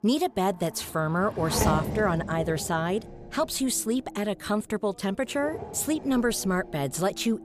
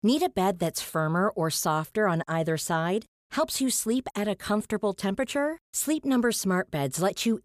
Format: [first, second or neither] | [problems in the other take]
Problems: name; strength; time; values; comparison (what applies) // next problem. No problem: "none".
second | traffic noise; loud; throughout; 8 dB below the speech